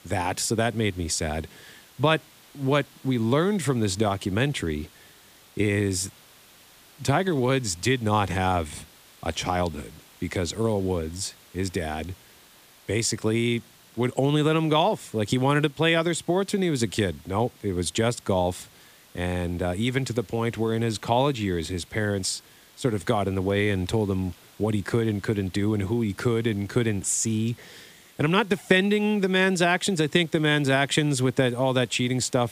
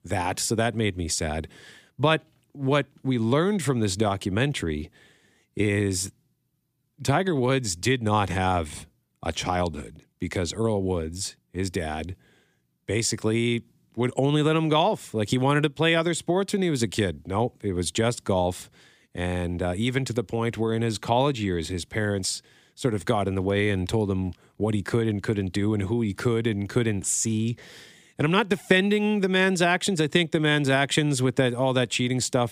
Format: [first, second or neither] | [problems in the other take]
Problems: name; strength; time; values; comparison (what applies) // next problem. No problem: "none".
second | hiss; faint; throughout; 25 dB below the speech